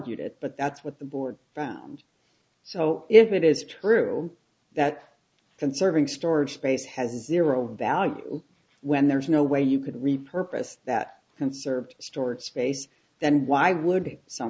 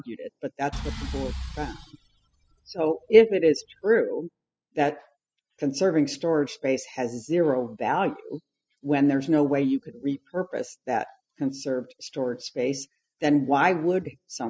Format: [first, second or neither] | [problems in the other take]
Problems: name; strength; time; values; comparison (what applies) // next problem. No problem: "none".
first | noise reduction (classical method spectral subtraction)